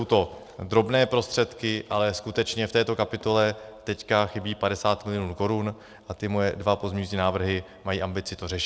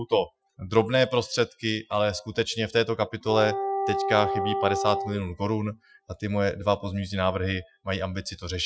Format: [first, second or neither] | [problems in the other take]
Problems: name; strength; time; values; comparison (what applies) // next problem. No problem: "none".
first | noise reduction (classical method Wiener filter)